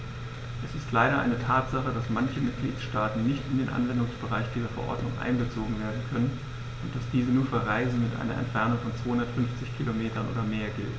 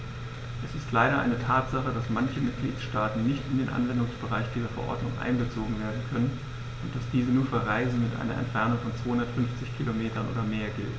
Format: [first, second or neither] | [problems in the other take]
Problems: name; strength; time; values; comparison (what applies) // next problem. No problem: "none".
second | background sound (Percussion); 20 dB below the speech